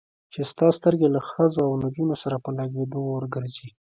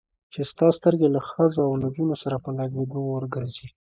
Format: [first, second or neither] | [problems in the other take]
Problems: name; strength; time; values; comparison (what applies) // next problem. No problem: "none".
first | noise reduction (neural mask model Resemble Enhance denoiser)